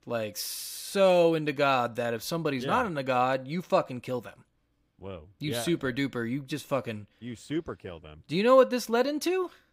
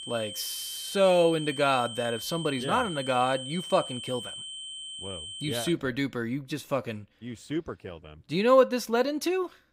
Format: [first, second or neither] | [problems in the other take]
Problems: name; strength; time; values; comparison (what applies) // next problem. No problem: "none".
first | high-pitched whine; loud; until 5.5 s; 3 kHz, 10 dB below the speech